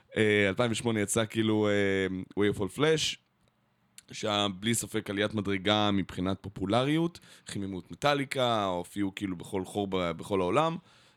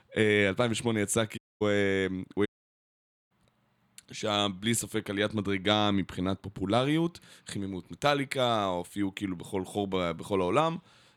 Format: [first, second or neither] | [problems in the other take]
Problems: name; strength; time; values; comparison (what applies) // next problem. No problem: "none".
first | audio cutting out; at 1.5 s and at 2.5 s for 1 s